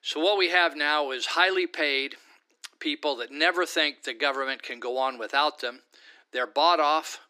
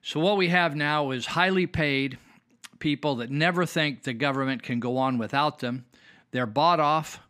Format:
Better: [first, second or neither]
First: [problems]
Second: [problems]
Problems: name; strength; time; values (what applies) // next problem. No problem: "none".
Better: second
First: thin; very; fading below 300 Hz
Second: none